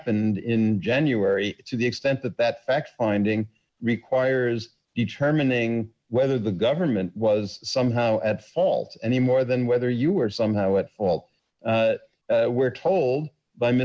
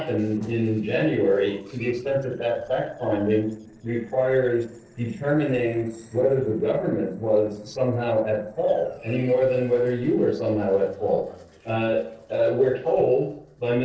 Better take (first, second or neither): first